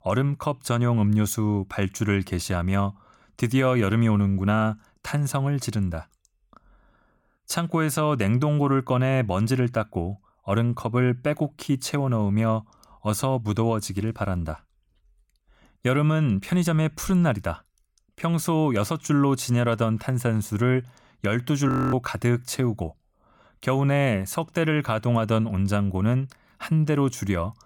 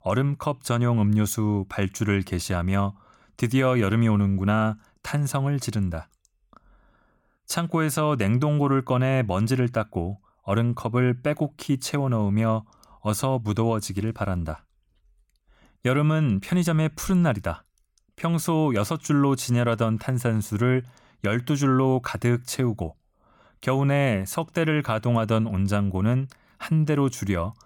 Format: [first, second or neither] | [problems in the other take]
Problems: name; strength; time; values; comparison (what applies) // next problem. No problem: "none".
second | audio freezing; at 22 s